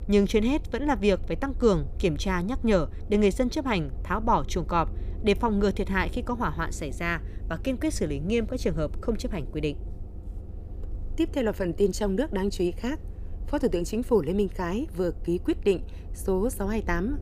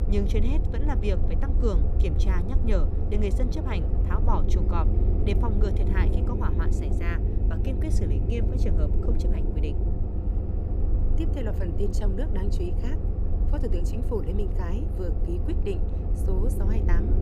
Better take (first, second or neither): first